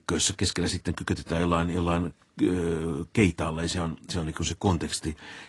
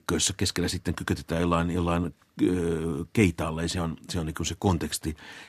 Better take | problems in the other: second | garbled, watery; slightly; nothing above 10.5 kHz

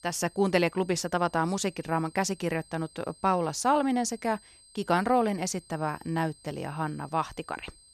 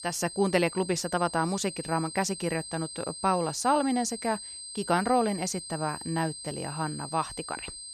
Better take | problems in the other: first | high-pitched whine; loud; throughout; 8.5 kHz, 9 dB below the speech; faint in the first

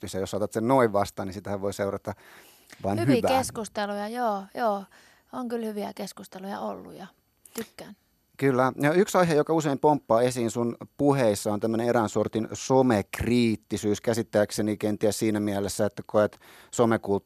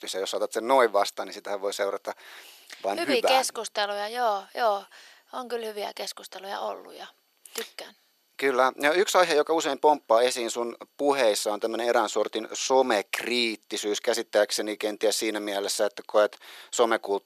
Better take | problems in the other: first | thin; somewhat; fading below 400 Hz

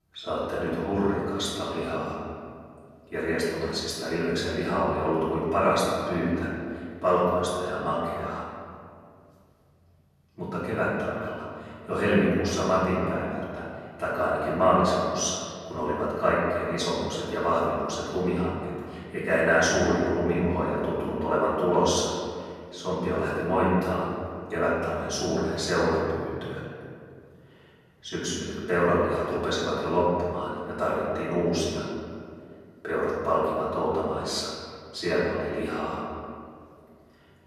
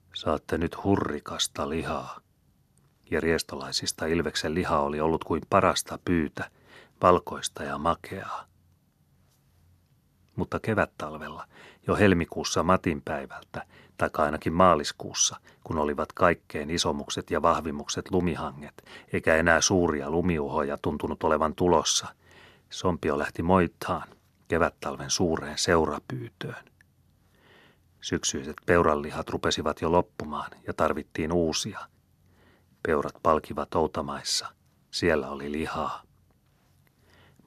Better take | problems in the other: second | room echo; strong; dies away in 2 s // off-mic speech; far

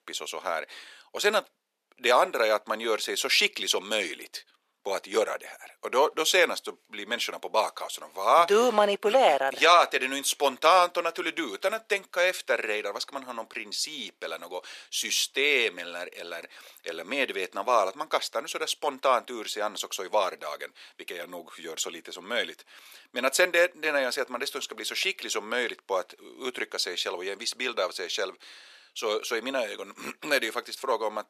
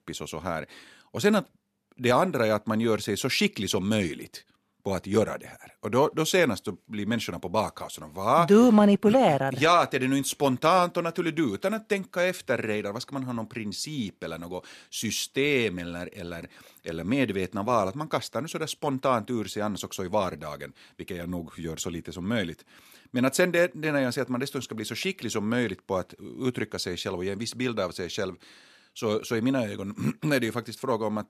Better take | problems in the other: second | thin; very; fading below 450 Hz

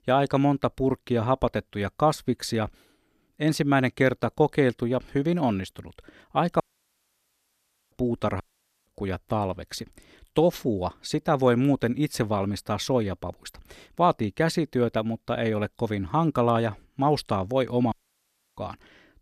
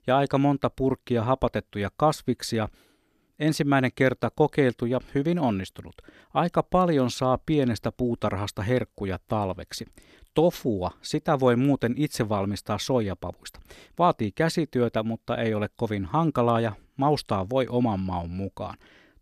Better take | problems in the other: second | audio cutting out; at 6.5 s for 1.5 s, at 8.5 s and at 18 s for 0.5 s

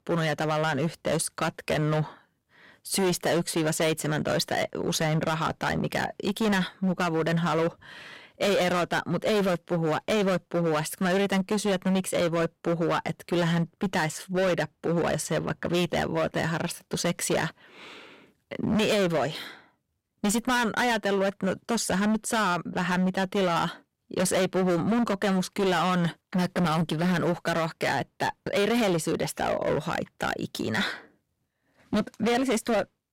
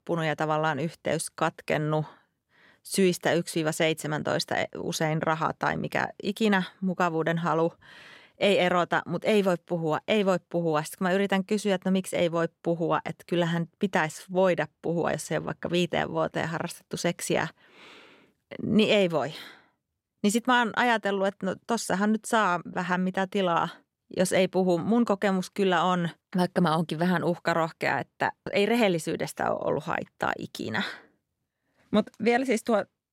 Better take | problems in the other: second | distortion; heavy; 18% of the sound clipped

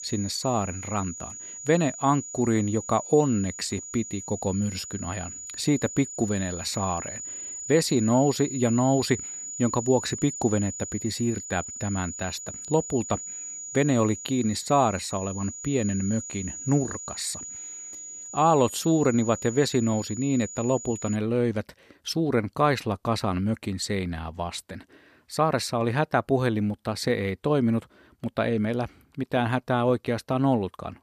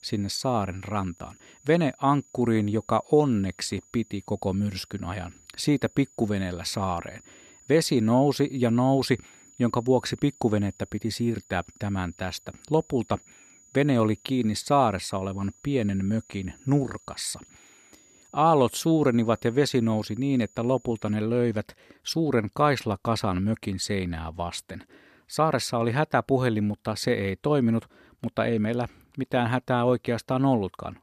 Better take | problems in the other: second | high-pitched whine; loud; until 21 s; 7 kHz, 9 dB below the speech; faint in the second

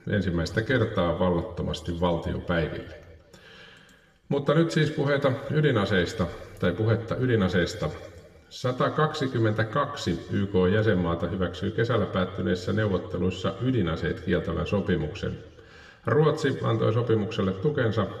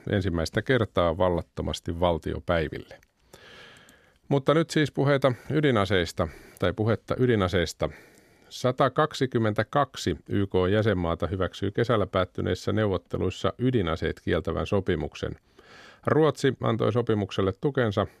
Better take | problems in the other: second | room echo; slight; dies away in 1.2 s // off-mic speech; somewhat distant

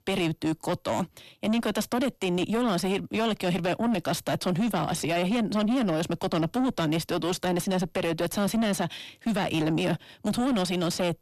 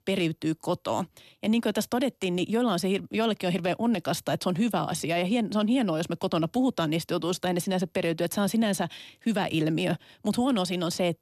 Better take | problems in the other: second | distortion; slight; 10 dB below the speech

